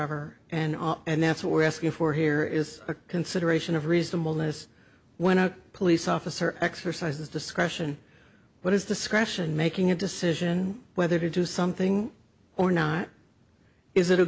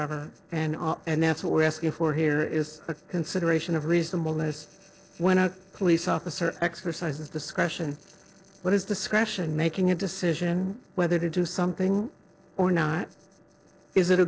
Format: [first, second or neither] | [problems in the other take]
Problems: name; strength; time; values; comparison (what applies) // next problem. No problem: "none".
first | noise reduction (neural separator model SepFormer DNS4)